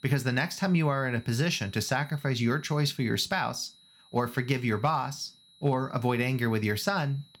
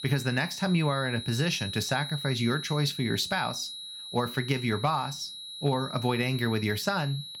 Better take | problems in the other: first | high-pitched whine; loud; throughout; 4 kHz, 8 dB below the speech; faint in the first

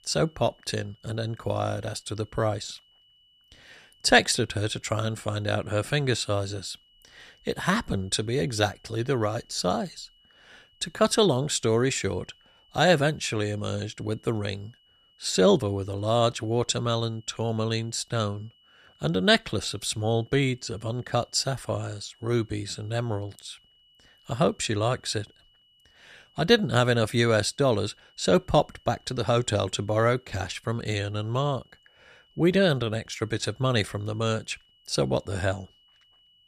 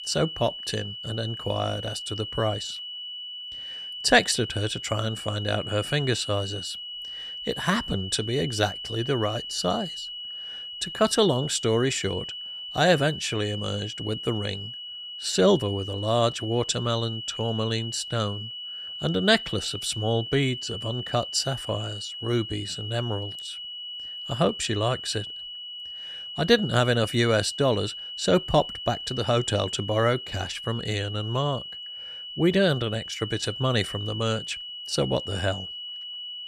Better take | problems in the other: first | high-pitched whine; loud; throughout; 3 kHz, 8 dB below the speech; faint in the first

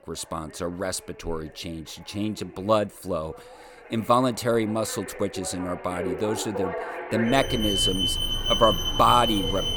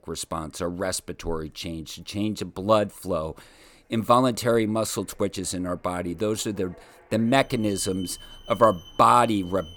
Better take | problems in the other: second | alarms or sirens; loud; throughout; 1 dB below the speech; faint in the second

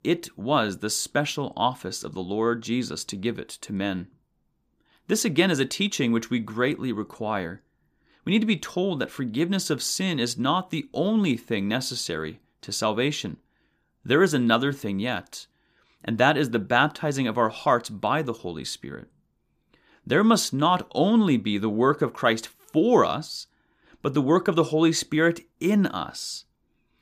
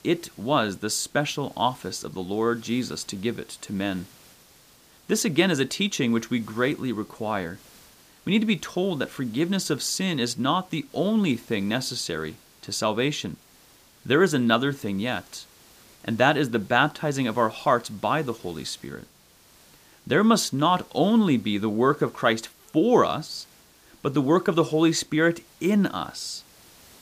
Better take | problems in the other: first | hiss; faint; throughout; 25 dB below the speech

